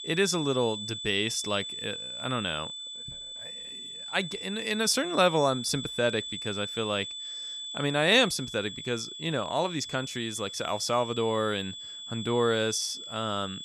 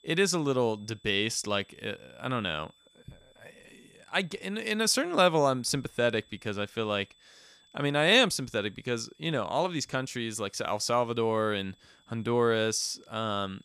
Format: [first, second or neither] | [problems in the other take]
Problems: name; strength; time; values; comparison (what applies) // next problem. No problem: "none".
second | high-pitched whine; loud; throughout; 3.5 kHz, 8 dB below the speech; faint in the second